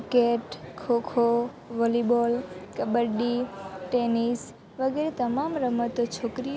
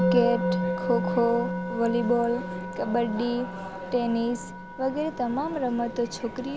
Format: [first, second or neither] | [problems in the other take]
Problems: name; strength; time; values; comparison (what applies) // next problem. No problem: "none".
first | background sound (Musical instrument); 4 dB below the speech